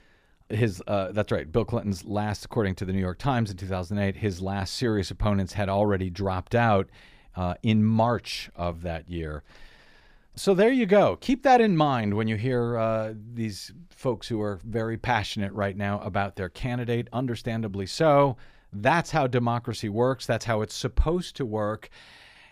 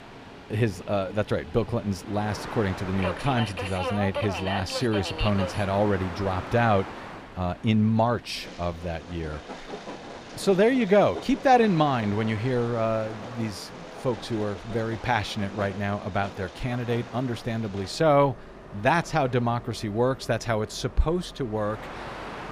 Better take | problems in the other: first | train or aircraft noise; noticeable; throughout; 10 dB below the speech

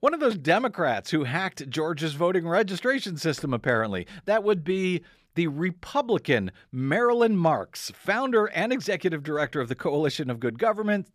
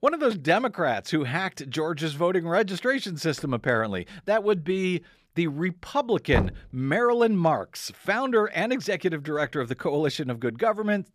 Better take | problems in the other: first | door banging; noticeable; at 6.5 s; peak 3 dB below the speech

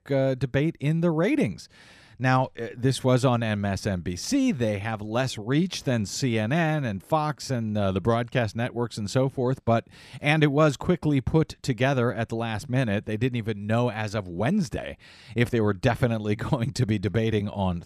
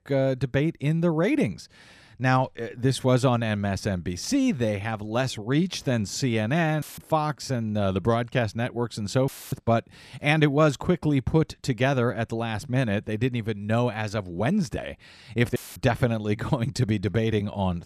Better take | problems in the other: first | audio cutting out; filled with static; at 7 s, at 9.5 s and at 16 s

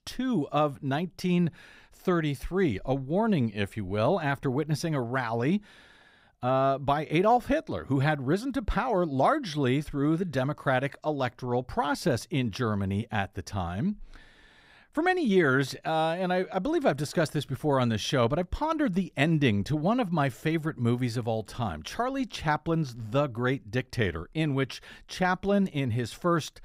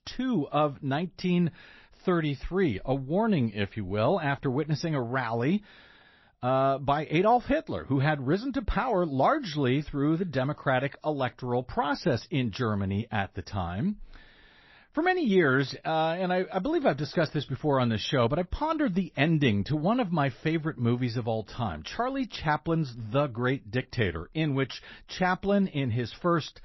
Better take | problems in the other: first | garbled, watery; slightly; nothing above 6 kHz

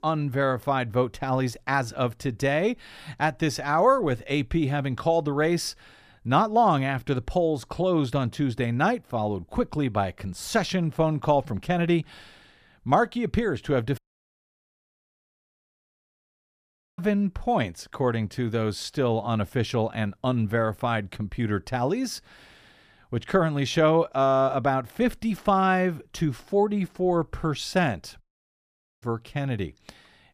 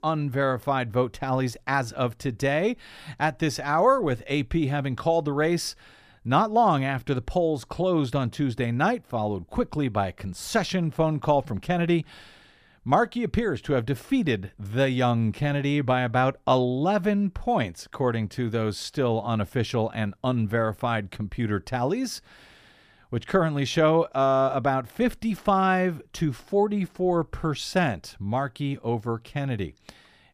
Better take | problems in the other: second | audio cutting out; at 14 s for 3 s and at 28 s for 1 s

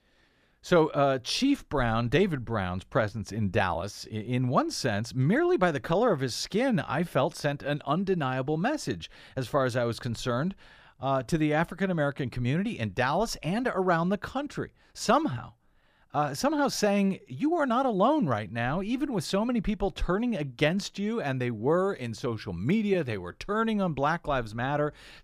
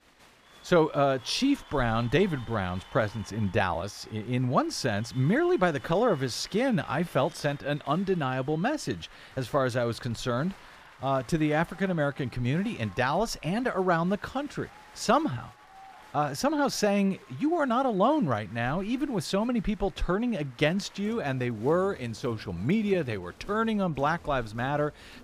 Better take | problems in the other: first | crowd noise; faint; throughout; 25 dB below the speech

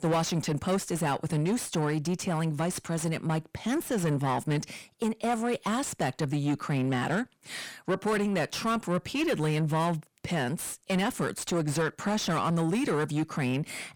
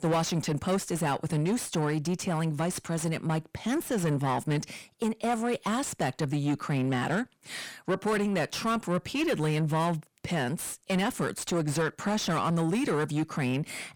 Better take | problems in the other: neither | distortion; heavy; 7 dB below the speech; the same in both

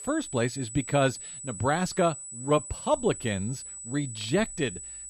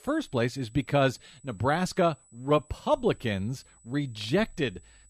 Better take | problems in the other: second | high-pitched whine; loud; throughout; 8 kHz, 10 dB below the speech; faint in the second

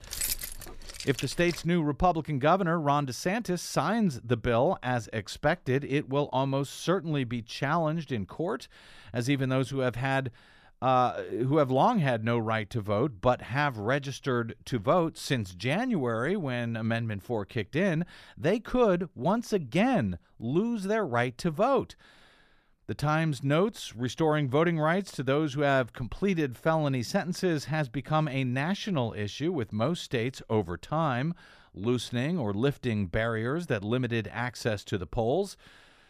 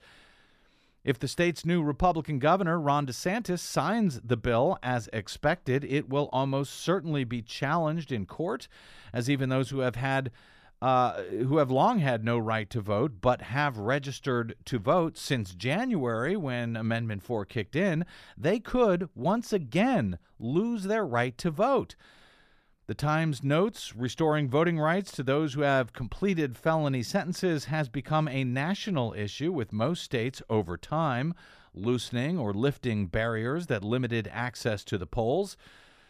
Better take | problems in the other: second | jangling keys; noticeable; until 1.5 s; peak 1 dB below the speech

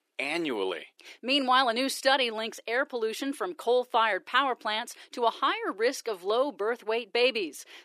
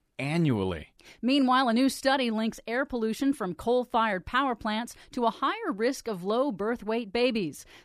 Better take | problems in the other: second | thin; somewhat; fading below 350 Hz

